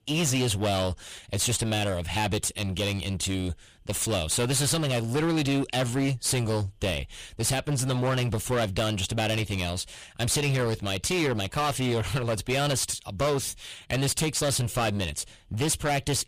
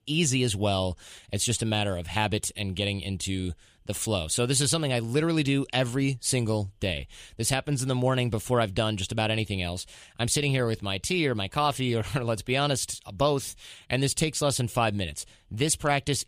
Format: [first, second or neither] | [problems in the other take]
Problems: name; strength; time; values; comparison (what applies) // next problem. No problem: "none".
second | distortion; heavy; 18% of the sound clipped